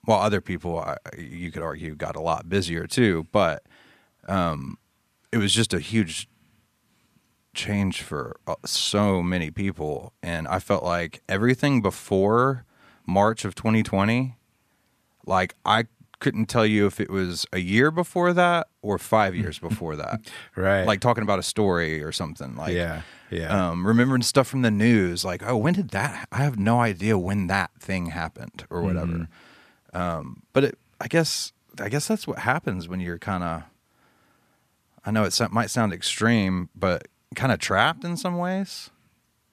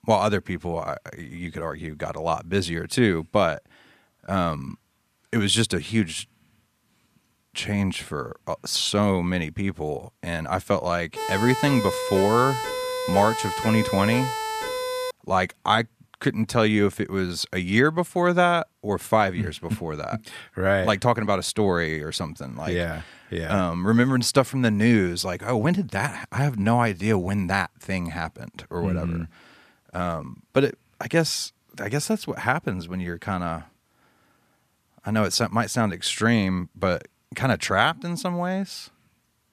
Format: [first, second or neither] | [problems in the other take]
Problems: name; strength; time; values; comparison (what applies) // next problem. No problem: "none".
first | siren; noticeable; from 11 to 15 s; peak 3 dB below the speech